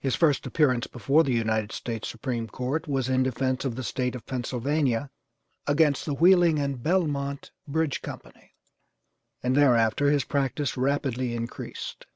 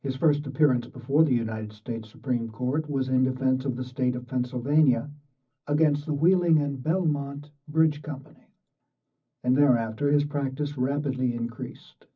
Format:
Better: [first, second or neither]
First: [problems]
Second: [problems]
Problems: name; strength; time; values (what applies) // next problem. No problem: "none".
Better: first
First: none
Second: room echo; dies away in 0.4 s